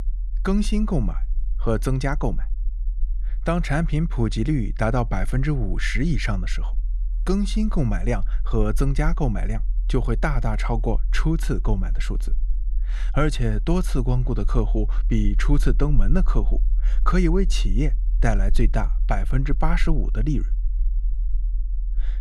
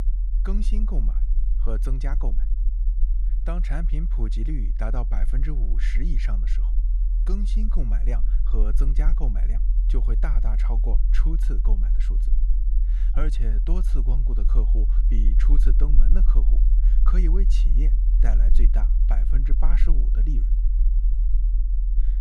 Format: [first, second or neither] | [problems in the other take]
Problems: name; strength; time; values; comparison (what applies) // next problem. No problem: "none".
first | low rumble; loud; throughout; 8 dB below the speech; faint in the first